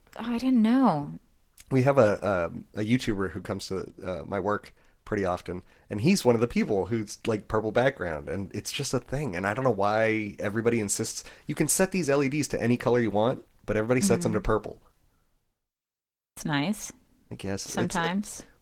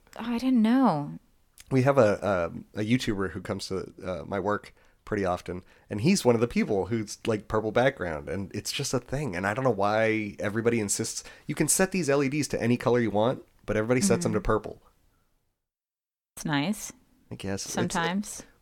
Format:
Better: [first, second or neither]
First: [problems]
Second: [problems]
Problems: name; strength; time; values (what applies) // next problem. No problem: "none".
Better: second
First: garbled, watery; slightly; nothing above 15.5 kHz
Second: none